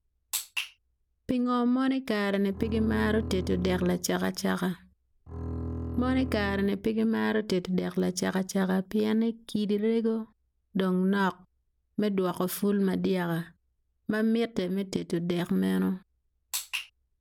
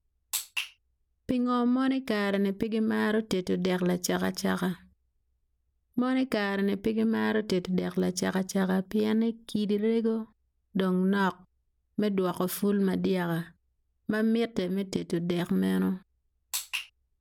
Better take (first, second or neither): second